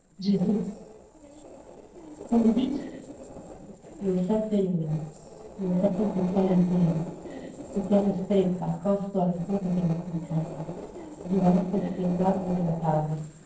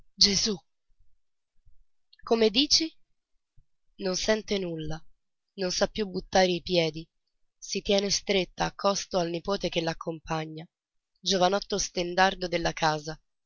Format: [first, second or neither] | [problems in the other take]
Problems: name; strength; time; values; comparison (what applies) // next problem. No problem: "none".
second | noise reduction (neural separator model SepFormer DNS4)